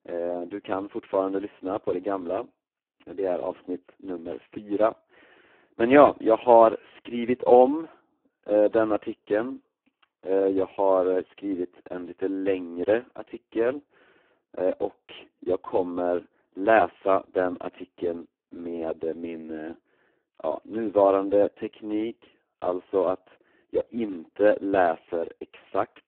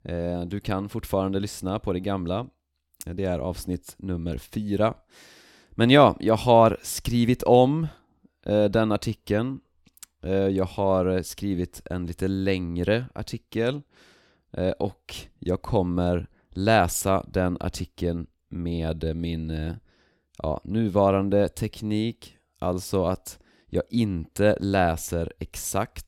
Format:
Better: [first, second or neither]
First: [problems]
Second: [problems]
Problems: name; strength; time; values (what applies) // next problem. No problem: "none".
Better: second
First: phone-call audio; poor line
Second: none